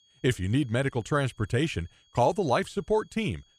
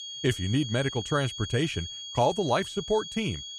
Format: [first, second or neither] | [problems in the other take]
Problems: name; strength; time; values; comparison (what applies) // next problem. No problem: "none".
first | high-pitched whine; loud; throughout; 3.5 kHz, 8 dB below the speech; faint in the first